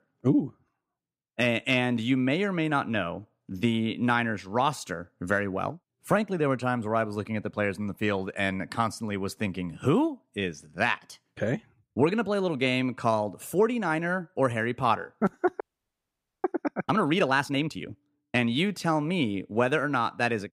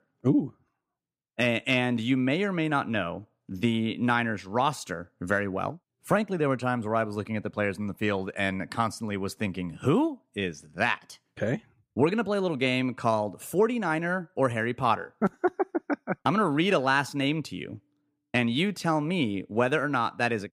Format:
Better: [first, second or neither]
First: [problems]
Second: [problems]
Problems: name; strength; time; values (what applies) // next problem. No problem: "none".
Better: second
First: audio freezing; at 16 s for 1 s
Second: none